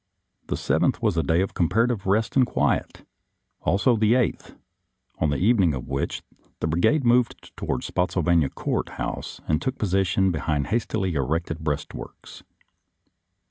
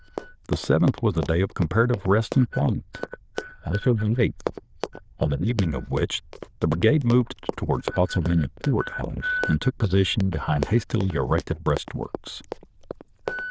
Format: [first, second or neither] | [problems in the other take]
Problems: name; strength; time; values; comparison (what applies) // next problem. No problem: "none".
first | noise reduction (neural diffusion model UNIVERSE++)